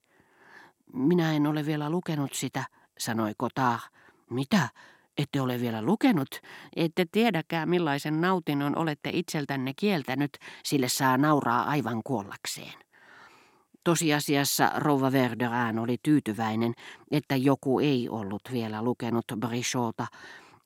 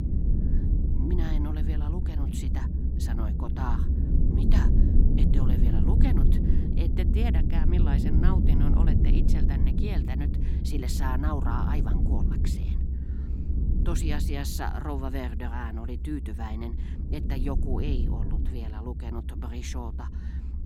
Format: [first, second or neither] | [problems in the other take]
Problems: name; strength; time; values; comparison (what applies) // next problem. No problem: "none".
first | low rumble; loud; throughout; 1 dB below the speech